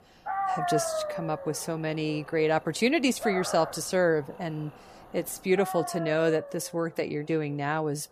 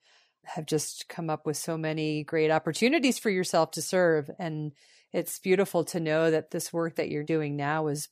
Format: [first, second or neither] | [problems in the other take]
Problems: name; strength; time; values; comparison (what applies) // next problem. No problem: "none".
second | animal sounds; loud; throughout; 7 dB below the speech